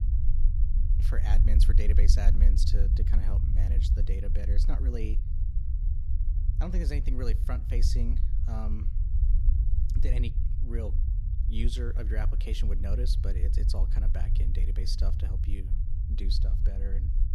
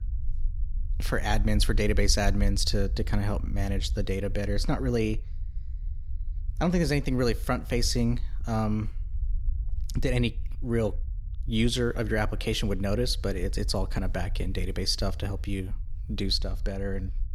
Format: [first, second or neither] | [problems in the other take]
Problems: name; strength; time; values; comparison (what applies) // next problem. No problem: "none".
second | low rumble; loud; throughout; 6 dB below the speech; faint in the second